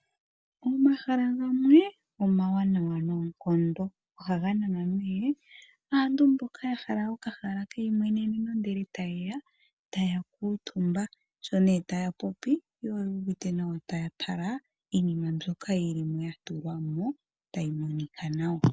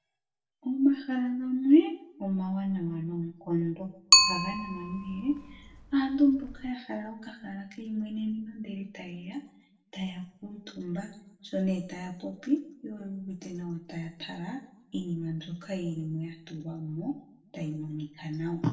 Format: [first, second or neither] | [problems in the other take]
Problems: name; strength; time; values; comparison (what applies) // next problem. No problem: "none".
first | background sound (Bicycle); 4 dB above the speech // room echo; dies away in 0.6 s